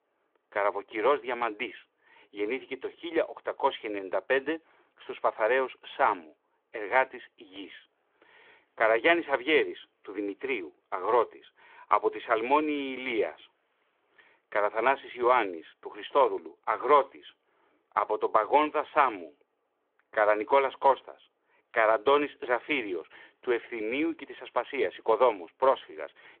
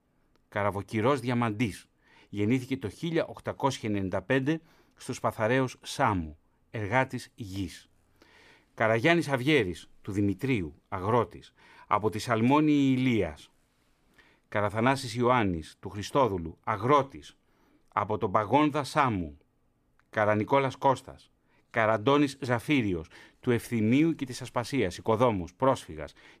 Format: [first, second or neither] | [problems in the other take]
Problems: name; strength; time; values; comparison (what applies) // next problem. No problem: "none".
second | phone-call audio